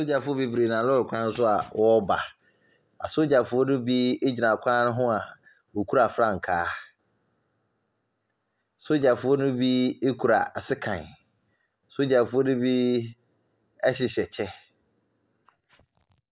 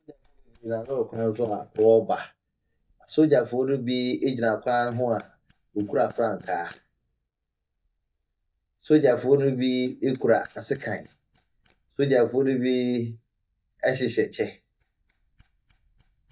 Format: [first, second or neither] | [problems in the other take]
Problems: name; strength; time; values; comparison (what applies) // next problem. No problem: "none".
first | noise reduction (neural mask model DeepFilterNet 3)